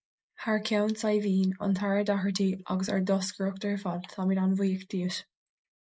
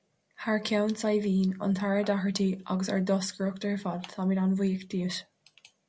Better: second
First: noise reduction (neural mask model Resemble Enhance denoiser)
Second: none

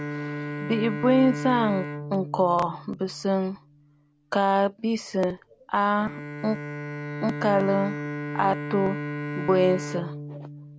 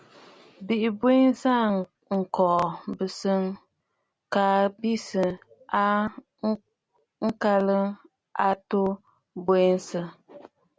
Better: second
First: background sound (Bowed string instrument); 8 dB below the speech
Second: none

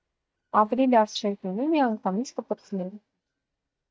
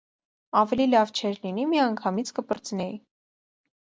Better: second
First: noise reduction (neural mask model DeepFilterNet 3)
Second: none

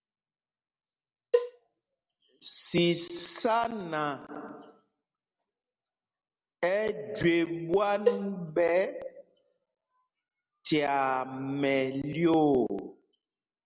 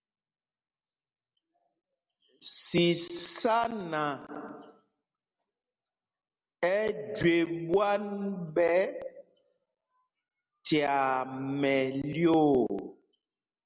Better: second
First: background sound (Cowbell); 3 dB below the speech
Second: none

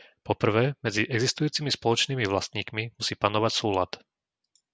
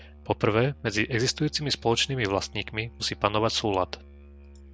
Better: first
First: none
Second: background sound (Musical instrument); 20 dB below the speech

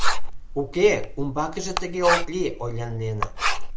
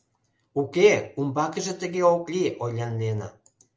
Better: second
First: background sound (Writing); 2 dB above the speech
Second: none

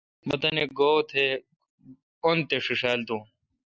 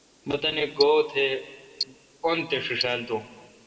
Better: first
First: none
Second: background sound (Tick-tock); 11 dB below the speech // room echo; dies away in 1.3 s

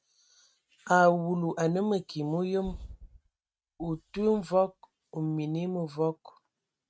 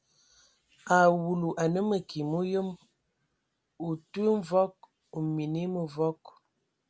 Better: second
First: noise reduction (neural mask model RNNoise)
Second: none

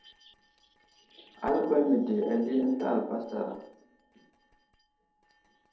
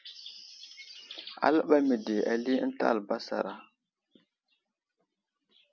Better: second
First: noise reduction (neural separator model SepFormer DNS4)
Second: none

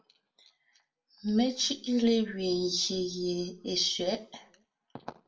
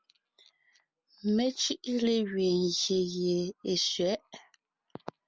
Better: second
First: room echo; dies away in 0.3 s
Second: none

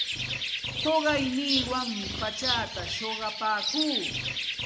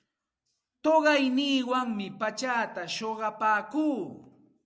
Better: second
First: background sound (Bird); 1 dB below the speech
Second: none

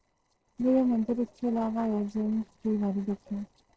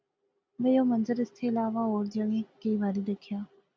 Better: second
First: noise reduction (neural separator model SepFormer DNS4)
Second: none

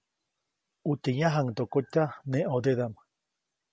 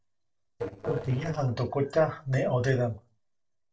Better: first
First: none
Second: noise reduction (neural separator model SepFormer DNS4)

